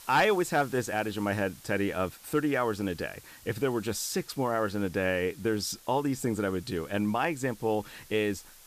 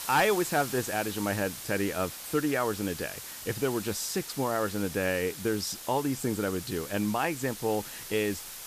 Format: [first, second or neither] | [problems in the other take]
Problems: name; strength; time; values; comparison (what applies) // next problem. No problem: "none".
first | hiss; loud; throughout; 8 dB below the speech; faint in the first